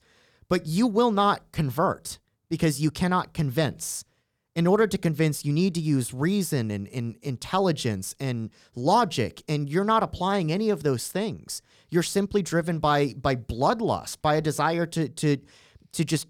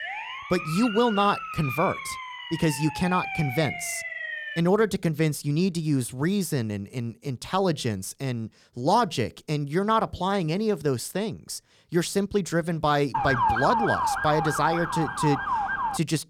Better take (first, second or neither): first